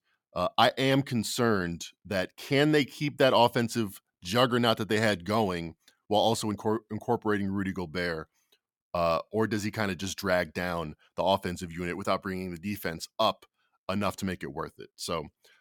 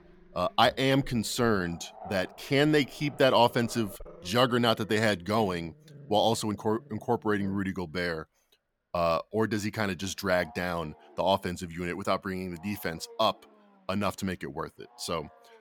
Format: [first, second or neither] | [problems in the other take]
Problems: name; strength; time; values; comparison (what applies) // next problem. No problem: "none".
first | animal sounds; faint; throughout; 20 dB below the speech